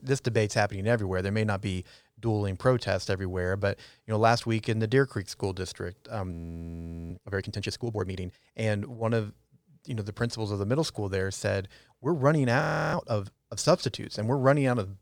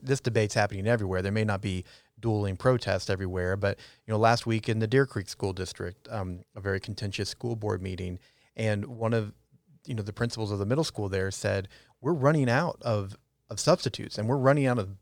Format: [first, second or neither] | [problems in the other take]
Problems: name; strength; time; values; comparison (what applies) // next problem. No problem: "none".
second | audio freezing; at 6.5 s for 1 s and at 13 s